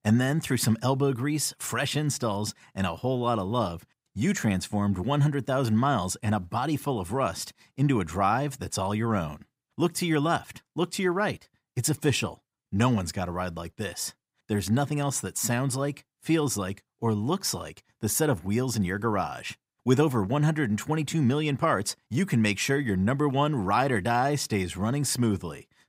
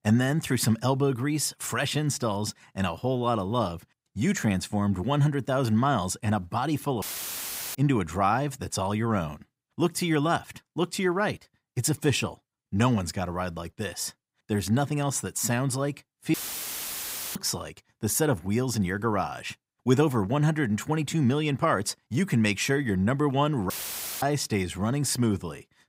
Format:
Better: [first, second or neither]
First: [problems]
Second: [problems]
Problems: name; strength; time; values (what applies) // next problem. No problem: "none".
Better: first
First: none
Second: audio cutting out; filled with static; at 7 s for 0.5 s, at 16 s for 1 s and at 24 s for 0.5 s